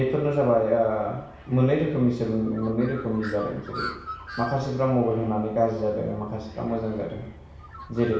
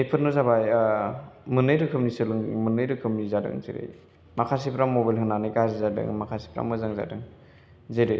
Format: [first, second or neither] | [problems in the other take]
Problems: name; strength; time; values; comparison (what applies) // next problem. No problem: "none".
second | background sound (Bird); 16 dB below the speech // room echo; dies away in 0.7 s